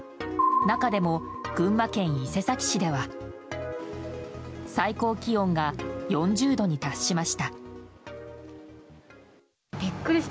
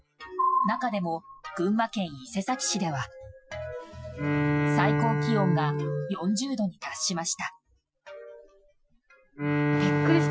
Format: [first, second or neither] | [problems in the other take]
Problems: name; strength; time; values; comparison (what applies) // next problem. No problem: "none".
first | noise reduction (classical method Wiener filter)